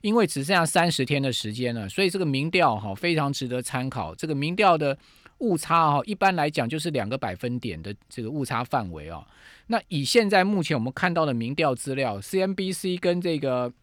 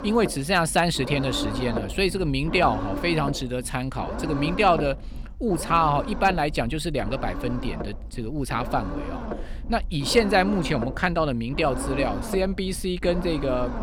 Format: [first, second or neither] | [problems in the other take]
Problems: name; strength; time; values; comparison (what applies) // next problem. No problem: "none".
first | low rumble; noticeable; throughout; 10 dB below the speech